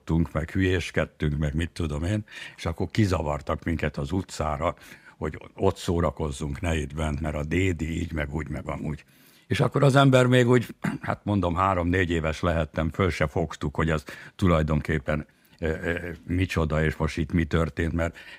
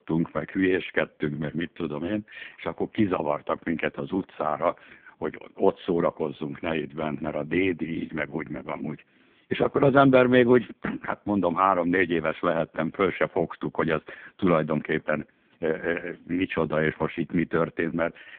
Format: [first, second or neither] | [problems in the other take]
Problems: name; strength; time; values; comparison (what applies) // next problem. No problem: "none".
first | phone-call audio; poor line